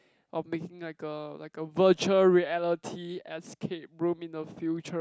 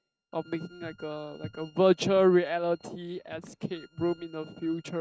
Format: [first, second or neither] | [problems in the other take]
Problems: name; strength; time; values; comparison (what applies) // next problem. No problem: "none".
first | noise reduction (neural mask model RNNoise)